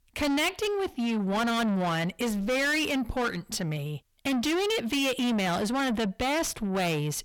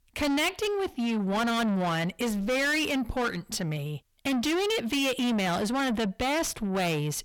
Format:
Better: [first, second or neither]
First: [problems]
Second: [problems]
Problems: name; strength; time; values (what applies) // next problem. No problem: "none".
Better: neither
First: distortion; heavy; 7 dB below the speech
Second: distortion; heavy; 7 dB below the speech